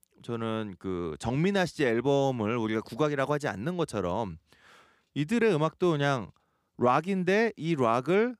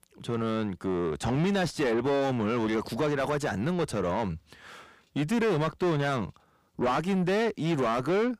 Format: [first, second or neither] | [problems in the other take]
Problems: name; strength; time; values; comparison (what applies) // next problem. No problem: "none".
first | distortion; heavy; 7 dB below the speech